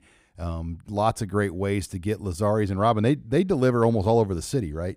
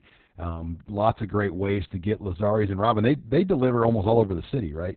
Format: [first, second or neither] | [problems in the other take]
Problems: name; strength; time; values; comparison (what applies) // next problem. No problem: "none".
first | garbled, watery; badly; nothing above 4 kHz